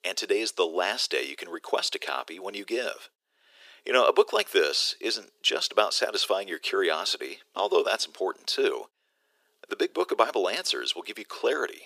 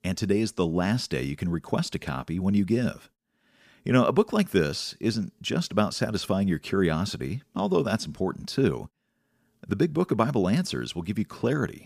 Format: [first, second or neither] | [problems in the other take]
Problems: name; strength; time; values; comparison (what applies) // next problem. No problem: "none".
second | thin; very; fading below 400 Hz